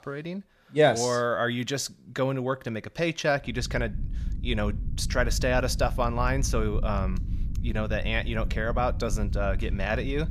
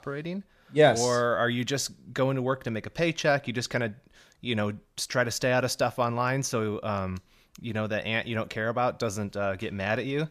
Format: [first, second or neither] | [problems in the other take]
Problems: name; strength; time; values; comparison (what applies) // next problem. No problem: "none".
second | low rumble; noticeable; from 3.5 s on; 20 dB below the speech